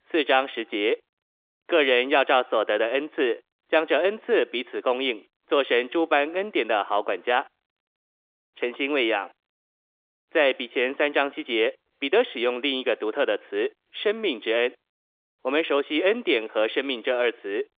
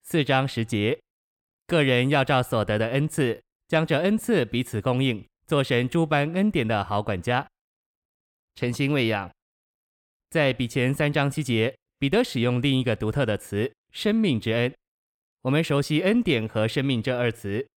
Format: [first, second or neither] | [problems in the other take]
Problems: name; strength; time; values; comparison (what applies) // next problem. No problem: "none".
second | phone-call audio; nothing above 3 kHz